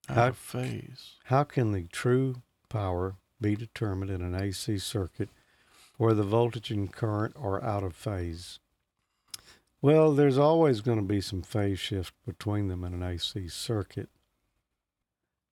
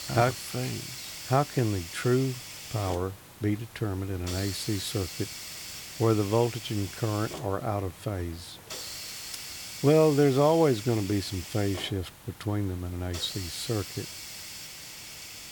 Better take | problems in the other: first | hiss; noticeable; throughout; 10 dB below the speech

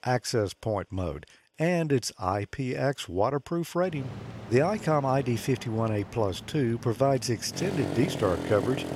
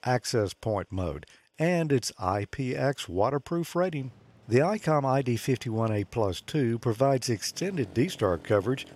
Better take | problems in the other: second | traffic noise; loud; from 4 s on; 10 dB below the speech; faint in the second

